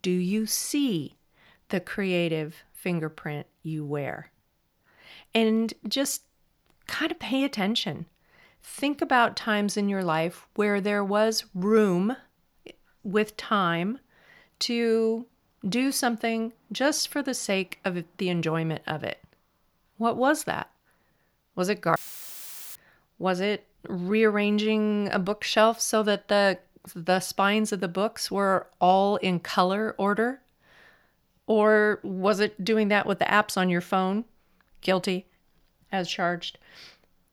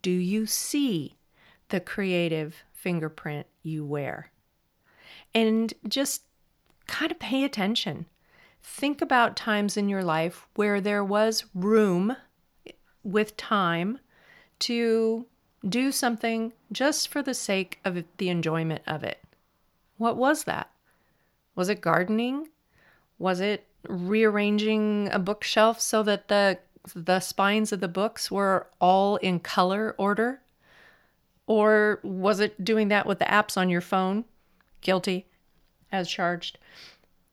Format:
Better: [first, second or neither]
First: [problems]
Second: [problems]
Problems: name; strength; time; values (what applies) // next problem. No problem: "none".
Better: second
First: audio cutting out; filled with static; at 22 s for 1 s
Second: none